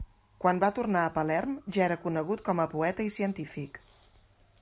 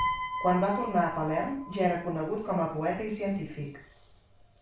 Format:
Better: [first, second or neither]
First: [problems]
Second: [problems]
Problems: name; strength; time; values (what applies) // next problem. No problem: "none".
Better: first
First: none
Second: background sound (Piano); 8 dB below the speech // room echo; dies away in 0.4 s